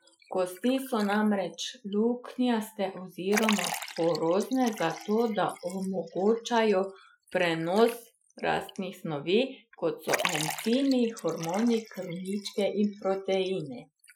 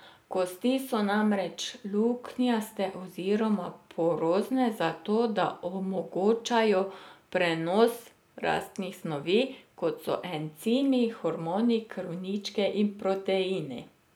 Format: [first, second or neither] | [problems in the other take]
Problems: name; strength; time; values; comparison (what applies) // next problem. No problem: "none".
second | noise reduction (classical method Wiener filter)